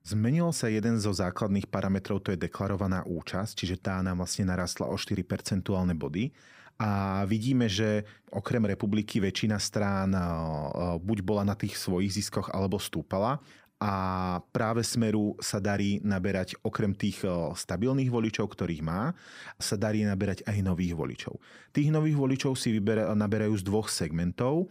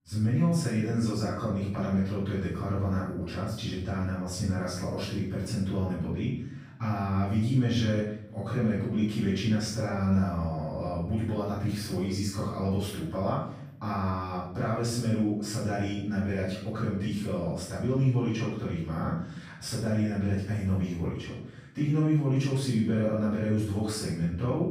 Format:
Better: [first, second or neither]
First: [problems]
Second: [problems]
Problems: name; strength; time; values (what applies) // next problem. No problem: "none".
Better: first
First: none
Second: off-mic speech; far // room echo; strong; dies away in 0.7 s